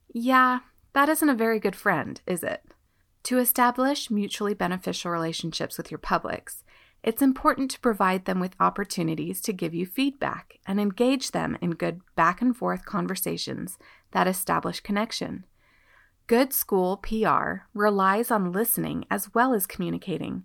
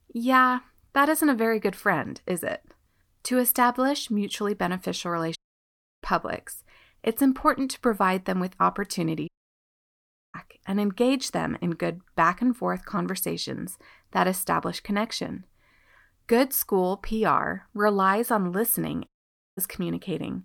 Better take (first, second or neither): first